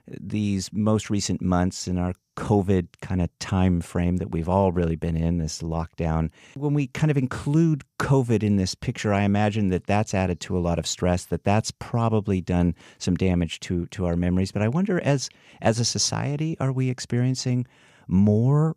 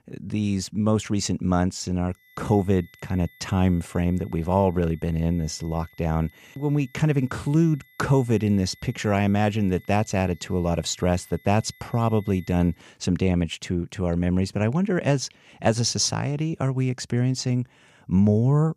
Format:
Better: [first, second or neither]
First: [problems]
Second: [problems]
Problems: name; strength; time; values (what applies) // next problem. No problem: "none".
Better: first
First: none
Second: high-pitched whine; faint; from 2 to 13 s; 2 kHz, 30 dB below the speech